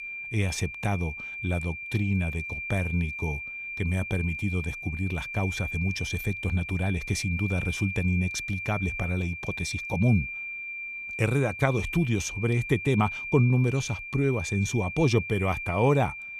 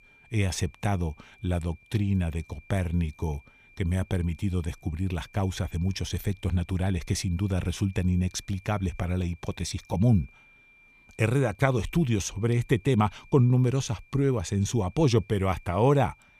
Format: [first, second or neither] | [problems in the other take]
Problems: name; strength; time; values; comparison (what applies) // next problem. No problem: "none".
second | high-pitched whine; loud; throughout; 2.5 kHz, 6 dB below the speech; faint in the second